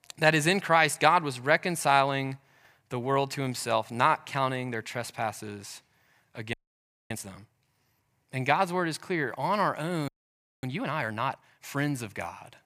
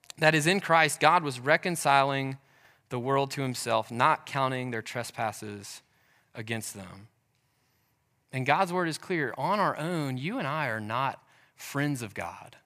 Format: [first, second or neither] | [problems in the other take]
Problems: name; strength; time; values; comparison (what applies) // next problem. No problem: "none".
second | audio freezing; at 6.5 s for 0.5 s and at 10 s for 0.5 s